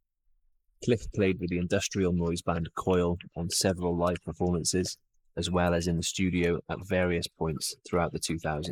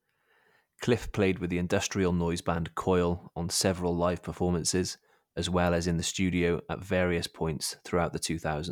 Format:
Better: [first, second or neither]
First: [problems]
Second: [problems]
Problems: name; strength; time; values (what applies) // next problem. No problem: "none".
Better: second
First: noise reduction (neural mask model Resemble Enhance denoiser)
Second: none